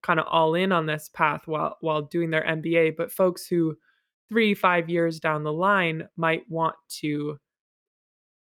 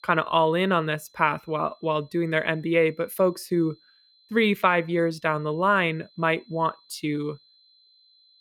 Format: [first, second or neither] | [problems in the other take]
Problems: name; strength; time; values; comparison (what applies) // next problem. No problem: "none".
first | high-pitched whine; faint; throughout; 4 kHz, 30 dB below the speech